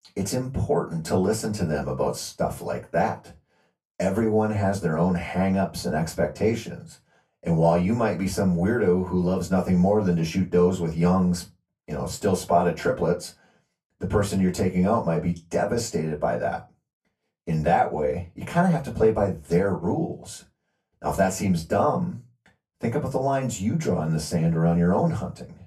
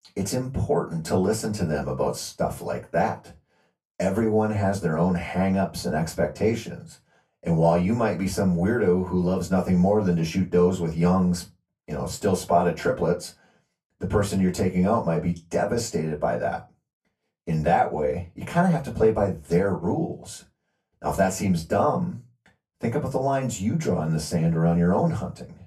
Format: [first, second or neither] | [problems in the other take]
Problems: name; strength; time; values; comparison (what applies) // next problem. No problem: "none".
neither | off-mic speech; far; the same in both // room echo; very slight; dies away in 0.2 s; the same in both